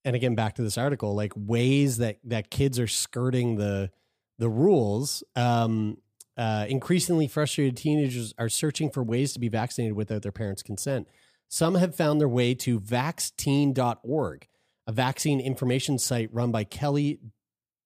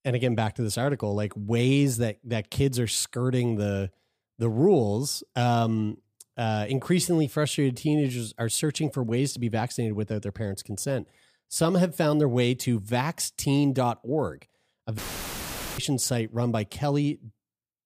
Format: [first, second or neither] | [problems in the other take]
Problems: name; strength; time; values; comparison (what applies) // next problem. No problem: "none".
first | audio cutting out; filled with static; at 15 s for 1 s